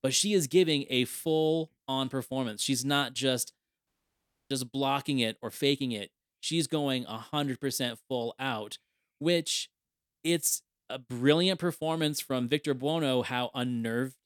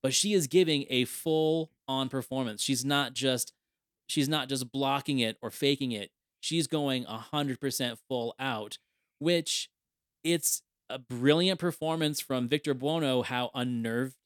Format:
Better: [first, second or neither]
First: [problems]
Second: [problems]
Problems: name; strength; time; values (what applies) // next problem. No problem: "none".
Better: second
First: audio cutting out; at 4 s for 0.5 s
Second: none